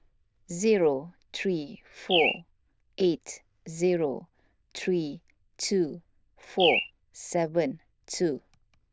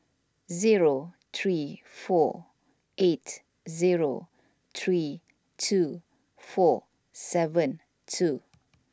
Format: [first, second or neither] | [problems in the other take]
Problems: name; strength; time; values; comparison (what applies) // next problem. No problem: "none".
second | noise reduction (neural diffusion model UNIVERSE++)